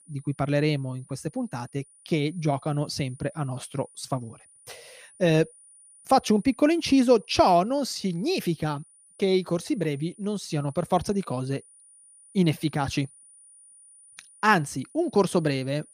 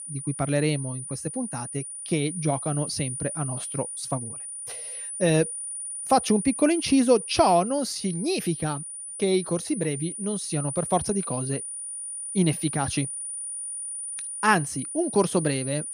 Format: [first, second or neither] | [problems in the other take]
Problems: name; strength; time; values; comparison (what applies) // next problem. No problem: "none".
first | high-pitched whine; loud; throughout; 9.5 kHz, 6 dB below the speech; faint in the first